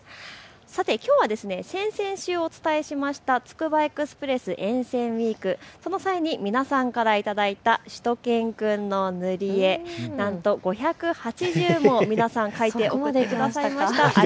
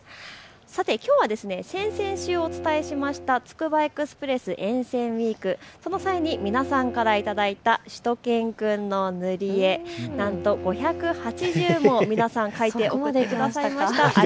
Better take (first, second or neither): first